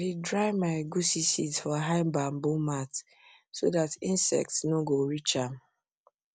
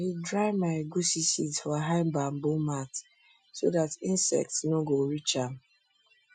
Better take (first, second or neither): first